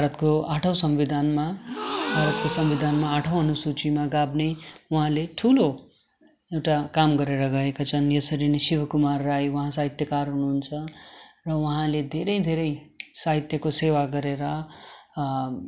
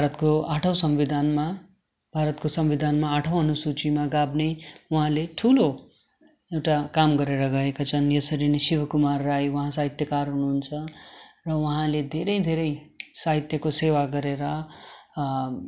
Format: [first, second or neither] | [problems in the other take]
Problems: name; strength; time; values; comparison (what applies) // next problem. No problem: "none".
second | background sound (Gasp); 9 dB below the speech